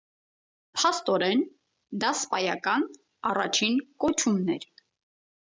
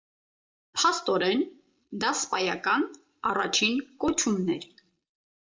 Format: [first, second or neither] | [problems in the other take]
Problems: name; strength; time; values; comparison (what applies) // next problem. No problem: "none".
first | room echo; dies away in 0.4 s